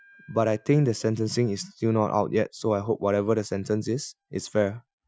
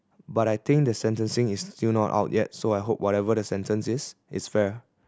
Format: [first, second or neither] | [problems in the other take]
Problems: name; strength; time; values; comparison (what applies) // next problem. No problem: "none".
second | noise reduction (classical method Wiener filter)